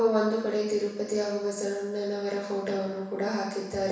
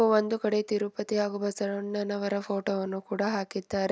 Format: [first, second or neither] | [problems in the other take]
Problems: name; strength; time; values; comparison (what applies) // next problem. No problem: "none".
second | room echo; dies away in 1.1 s